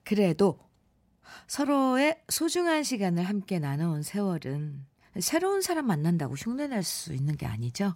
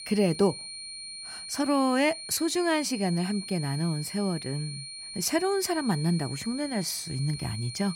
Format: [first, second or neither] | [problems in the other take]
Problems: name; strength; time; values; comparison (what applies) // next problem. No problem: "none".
first | high-pitched whine; loud; throughout; 4.5 kHz, 9 dB below the speech